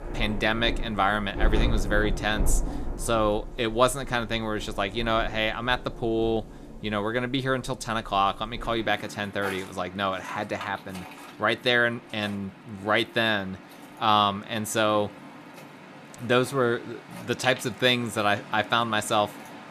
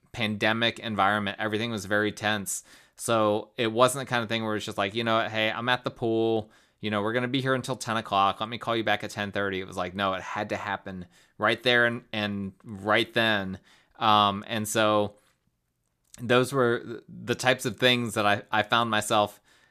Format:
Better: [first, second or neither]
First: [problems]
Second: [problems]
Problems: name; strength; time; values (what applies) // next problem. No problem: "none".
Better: second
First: rain or running water; noticeable; throughout; 10 dB below the speech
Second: none